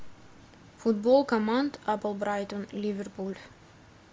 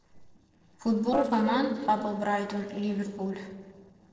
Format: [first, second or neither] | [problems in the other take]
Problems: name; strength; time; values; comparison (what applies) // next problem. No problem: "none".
first | noise reduction (neural separator model SepFormer DNS4)